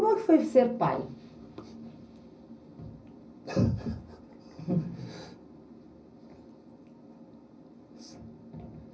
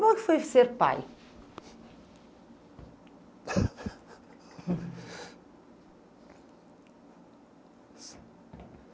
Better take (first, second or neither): second